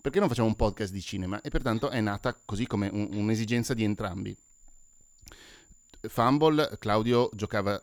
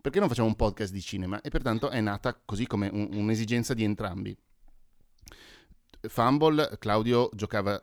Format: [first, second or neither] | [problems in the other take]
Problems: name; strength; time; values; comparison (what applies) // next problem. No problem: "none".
second | high-pitched whine; faint; throughout; 7 kHz, 30 dB below the speech